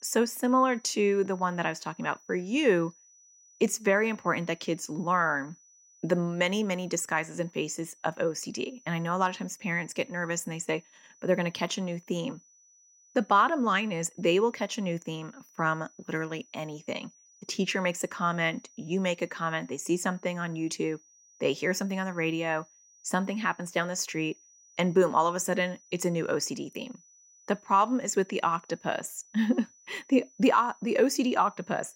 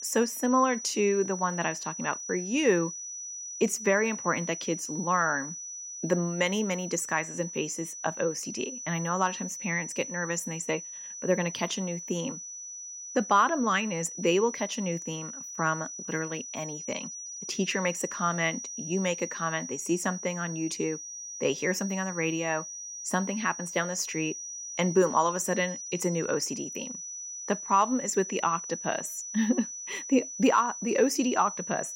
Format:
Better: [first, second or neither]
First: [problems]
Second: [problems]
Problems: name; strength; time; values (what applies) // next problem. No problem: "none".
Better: first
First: high-pitched whine; faint; throughout; 6 kHz, 30 dB below the speech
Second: high-pitched whine; loud; throughout; 6 kHz, 8 dB below the speech